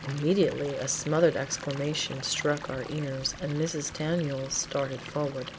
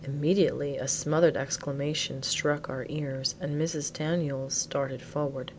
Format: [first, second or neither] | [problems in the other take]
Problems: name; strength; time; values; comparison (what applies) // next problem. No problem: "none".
second | background sound (Stream); 15 dB below the speech